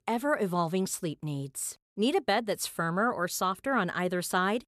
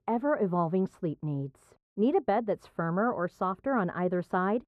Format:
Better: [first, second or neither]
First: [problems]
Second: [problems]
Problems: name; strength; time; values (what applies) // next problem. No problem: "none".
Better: first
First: none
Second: muffled; very; fading above 2.5 kHz